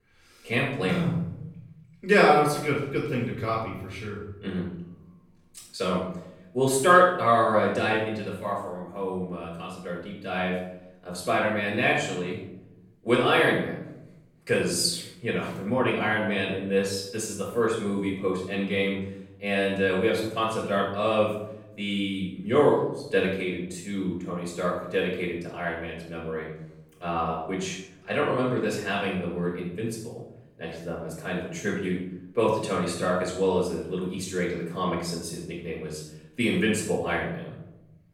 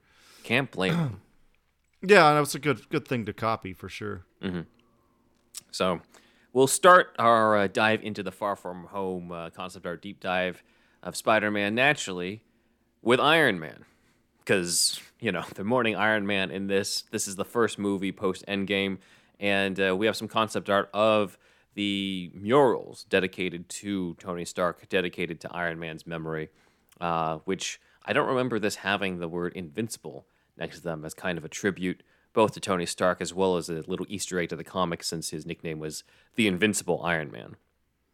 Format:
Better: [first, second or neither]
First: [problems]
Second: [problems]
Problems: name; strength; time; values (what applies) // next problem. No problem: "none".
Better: second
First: room echo; noticeable; dies away in 0.8 s // off-mic speech; far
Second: none